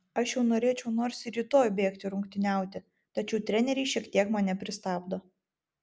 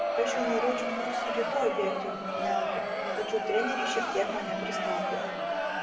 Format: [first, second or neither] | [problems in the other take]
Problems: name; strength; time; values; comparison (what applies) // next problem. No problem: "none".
first | background sound (Crowd); 2 dB above the speech // room echo; dies away in 2 s